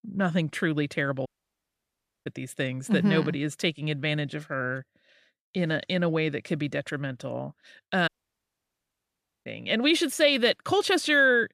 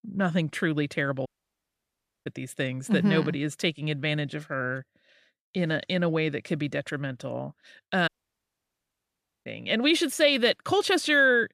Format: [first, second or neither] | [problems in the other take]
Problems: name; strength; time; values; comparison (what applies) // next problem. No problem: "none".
neither | audio cutting out; at 1.5 s for 1 s and at 8 s for 1.5 s; the same in both